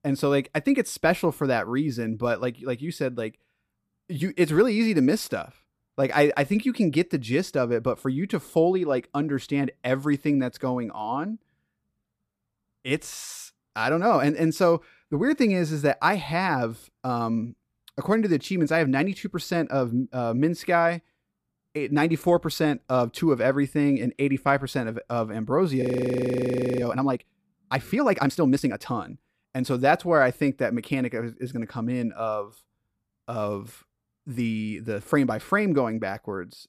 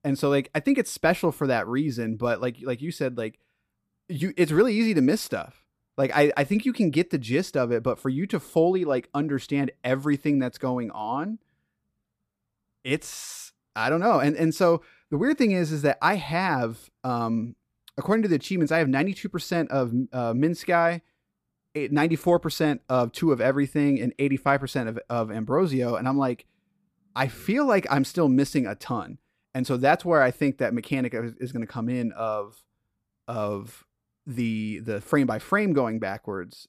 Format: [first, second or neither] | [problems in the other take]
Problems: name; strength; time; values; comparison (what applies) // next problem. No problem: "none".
second | audio freezing; at 26 s for 1 s